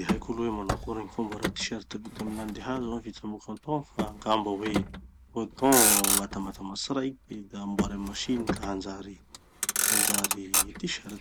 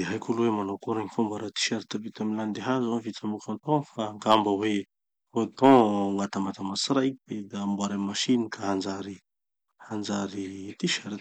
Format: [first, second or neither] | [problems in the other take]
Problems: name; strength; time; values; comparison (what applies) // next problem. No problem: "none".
second | background sound (Motor vehicle (road)); 1 dB above the speech